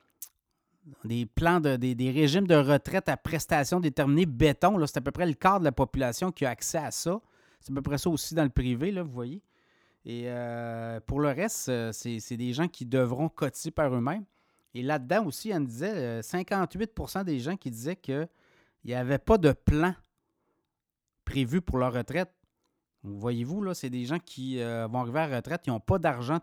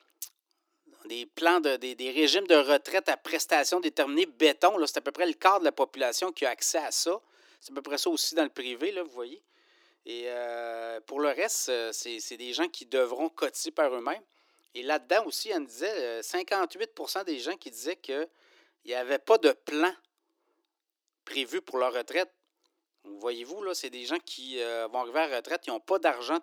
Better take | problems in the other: first | thin; very; fading below 300 Hz

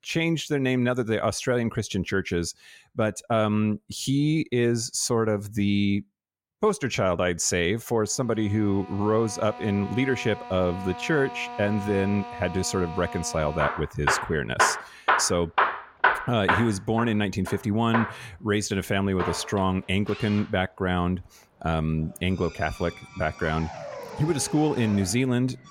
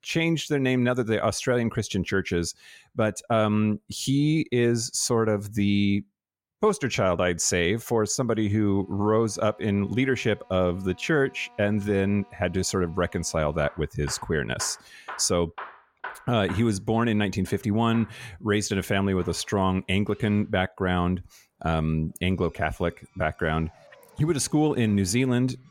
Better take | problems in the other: second | machinery noise; loud; from 8.5 s on; 4 dB below the speech; faint in the second

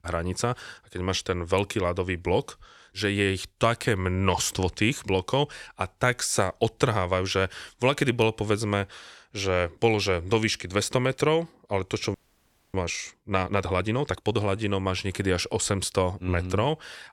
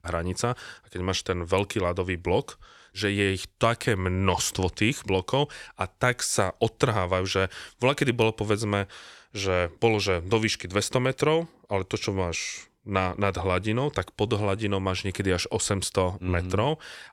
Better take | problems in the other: second | audio freezing; at 12 s for 0.5 s

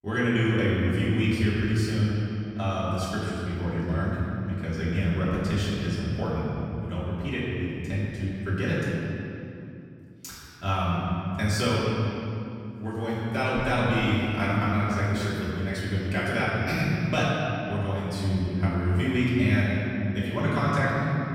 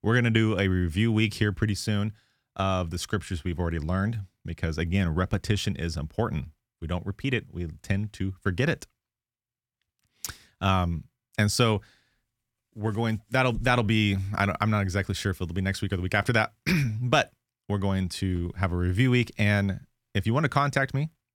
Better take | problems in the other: second | off-mic speech; far // room echo; strong; dies away in 2.7 s

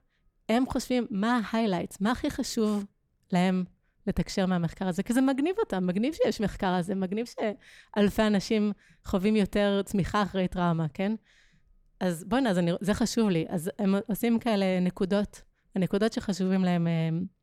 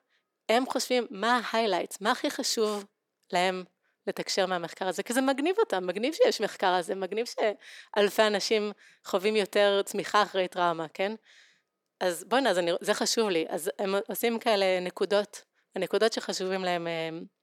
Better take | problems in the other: first | thin; somewhat; fading below 350 Hz

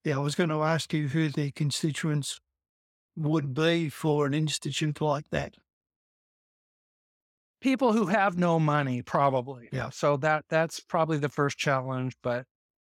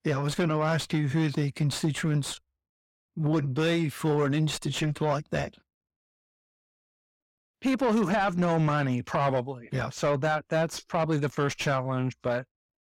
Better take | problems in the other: first | distortion; slight; 10 dB below the speech

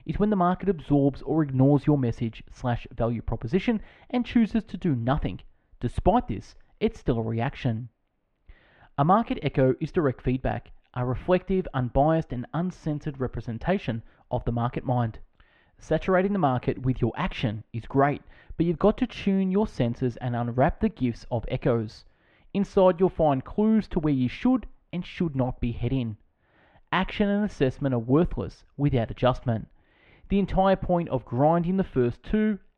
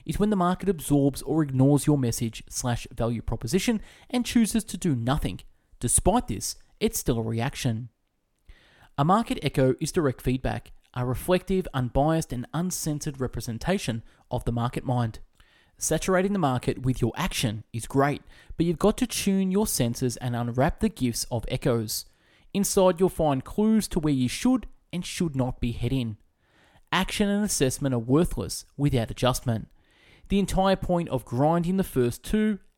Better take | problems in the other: second | muffled; very; fading above 2.5 kHz

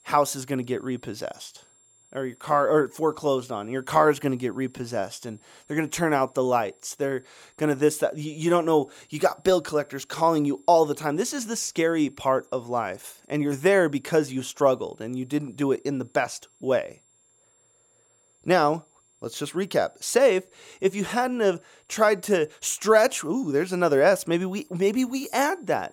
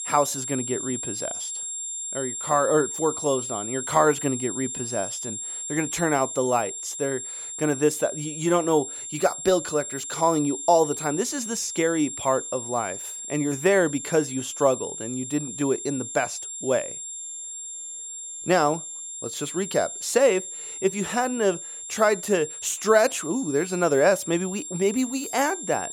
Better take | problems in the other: first | high-pitched whine; loud; throughout; 7.5 kHz, 7 dB below the speech; faint in the first

